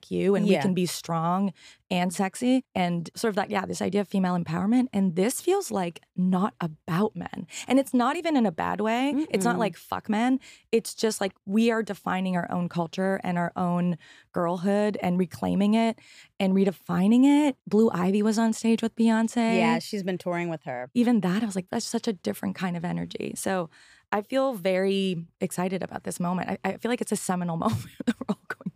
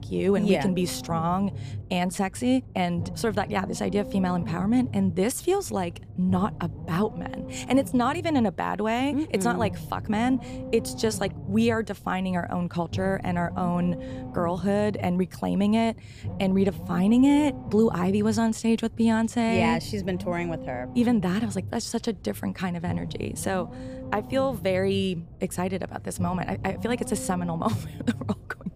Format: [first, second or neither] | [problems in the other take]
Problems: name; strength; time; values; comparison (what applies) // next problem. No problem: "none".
first | low rumble; noticeable; throughout; 15 dB below the speech